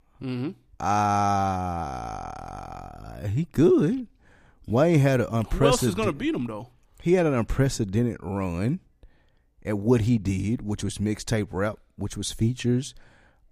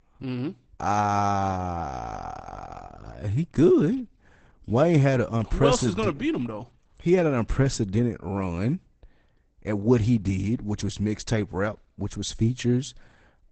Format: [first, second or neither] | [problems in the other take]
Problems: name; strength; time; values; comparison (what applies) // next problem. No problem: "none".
first | garbled, watery; badly; nothing above 8 kHz